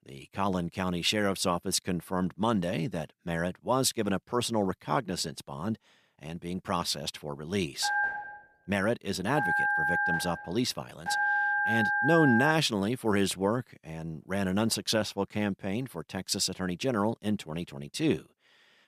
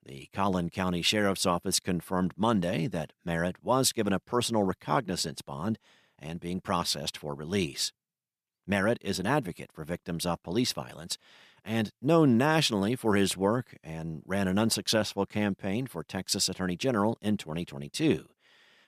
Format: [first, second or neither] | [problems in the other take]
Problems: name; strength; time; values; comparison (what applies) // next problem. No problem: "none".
second | phone ringing; loud; from 8 to 13 s; peak 4 dB above the speech